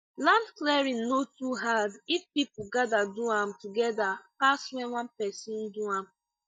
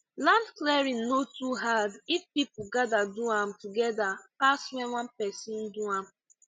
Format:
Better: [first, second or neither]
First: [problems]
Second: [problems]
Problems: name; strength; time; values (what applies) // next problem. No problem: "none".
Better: second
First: noise reduction (neural mask model DeepFilterNet 3)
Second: none